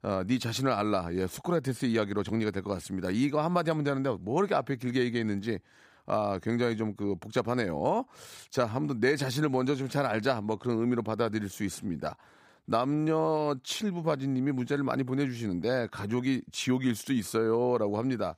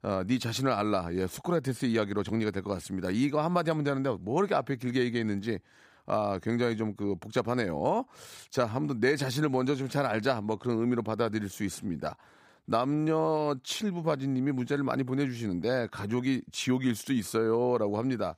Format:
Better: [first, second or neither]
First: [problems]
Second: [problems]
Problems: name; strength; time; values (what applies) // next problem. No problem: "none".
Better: neither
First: none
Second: none